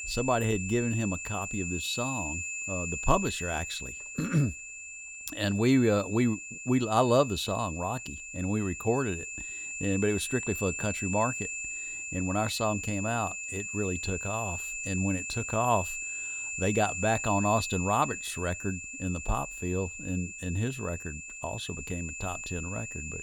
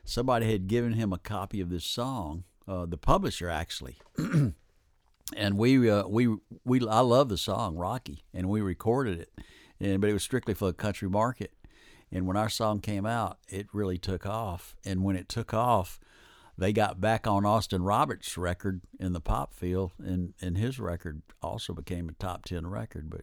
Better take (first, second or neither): second